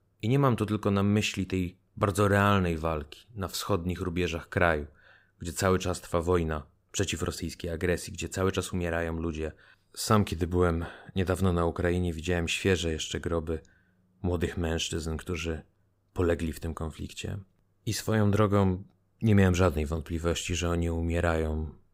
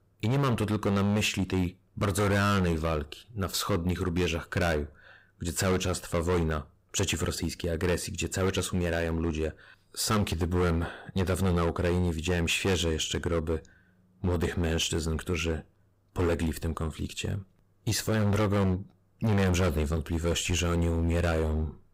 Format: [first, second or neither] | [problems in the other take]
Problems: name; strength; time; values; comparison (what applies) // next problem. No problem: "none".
first | distortion; heavy; 13% of the sound clipped